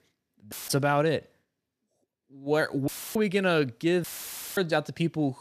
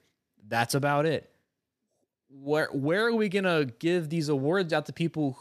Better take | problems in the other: second | audio cutting out; filled with static; at 0.5 s, at 3 s and at 4 s for 0.5 s

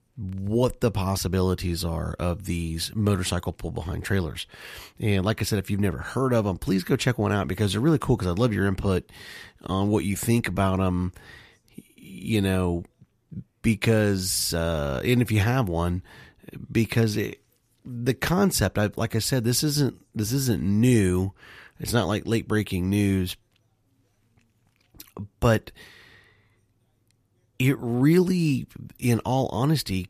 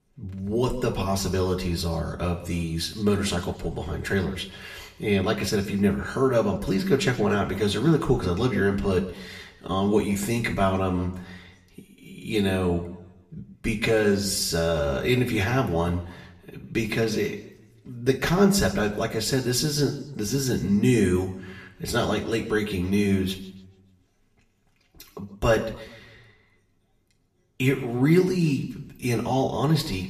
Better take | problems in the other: first | room echo; slight; dies away in 0.7 s // off-mic speech; somewhat distant

